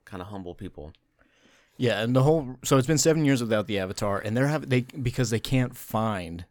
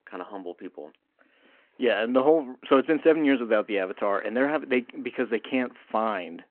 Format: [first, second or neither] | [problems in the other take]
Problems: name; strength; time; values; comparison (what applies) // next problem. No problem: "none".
first | phone-call audio